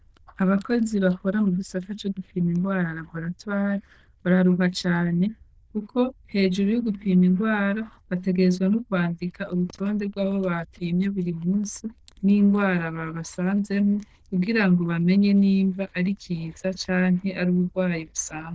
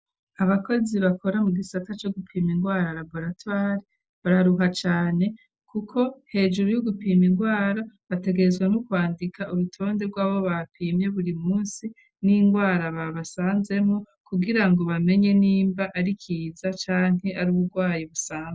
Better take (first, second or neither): second